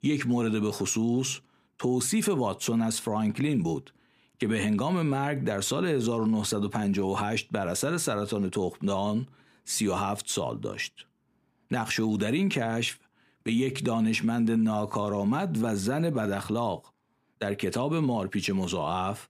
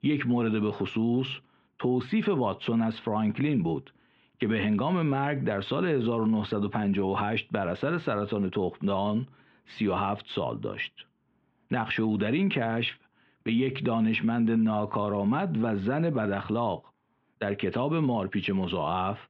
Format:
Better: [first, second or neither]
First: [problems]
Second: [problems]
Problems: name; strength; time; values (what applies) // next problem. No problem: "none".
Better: first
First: none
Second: muffled; very; fading above 3.5 kHz